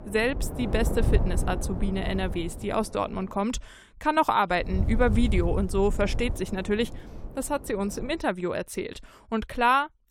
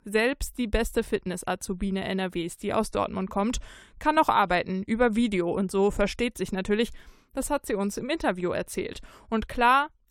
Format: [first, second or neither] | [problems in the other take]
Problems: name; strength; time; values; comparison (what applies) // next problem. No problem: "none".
second | wind noise on the microphone; occasional gusts; until 3.5 s and from 4.5 to 8 s; 15 dB below the speech